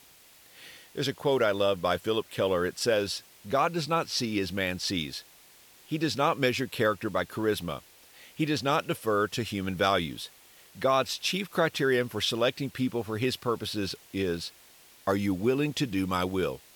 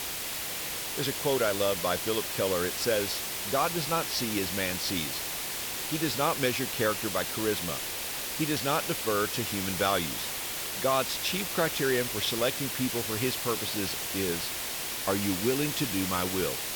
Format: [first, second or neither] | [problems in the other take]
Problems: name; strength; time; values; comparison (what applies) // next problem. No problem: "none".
first | hiss; loud; throughout; 1 dB below the speech; faint in the first